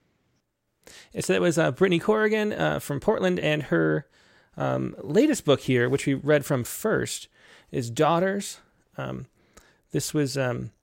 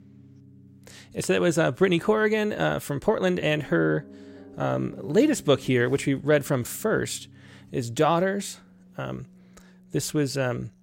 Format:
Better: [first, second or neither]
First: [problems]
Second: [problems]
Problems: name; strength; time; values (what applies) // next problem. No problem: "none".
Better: first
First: none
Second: background music; faint; throughout; 25 dB below the speech